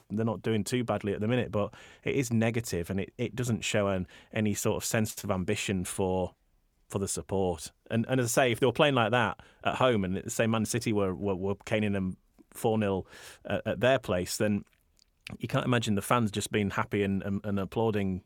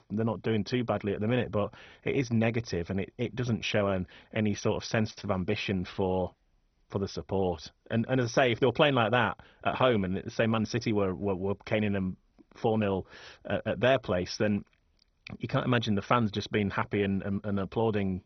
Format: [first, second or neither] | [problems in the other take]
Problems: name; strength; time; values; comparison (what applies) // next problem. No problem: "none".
first | garbled, watery; badly; nothing above 6 kHz